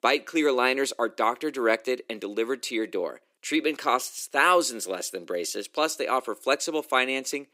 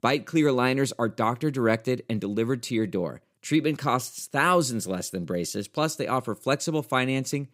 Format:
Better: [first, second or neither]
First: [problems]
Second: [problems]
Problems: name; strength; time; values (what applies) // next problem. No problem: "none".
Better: second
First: thin; somewhat; fading below 350 Hz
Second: none